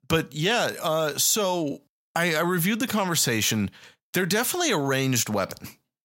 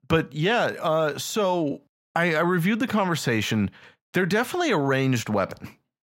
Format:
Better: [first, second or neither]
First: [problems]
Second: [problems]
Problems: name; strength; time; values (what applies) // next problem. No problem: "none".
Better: first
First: none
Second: muffled; slightly; fading above 4 kHz